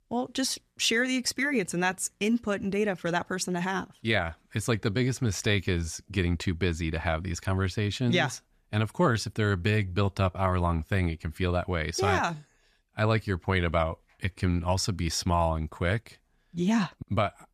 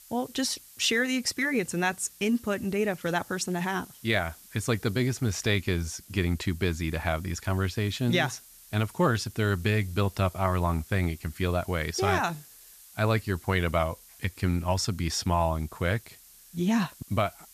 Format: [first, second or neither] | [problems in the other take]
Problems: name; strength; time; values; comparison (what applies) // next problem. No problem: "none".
first | hiss; faint; throughout; 20 dB below the speech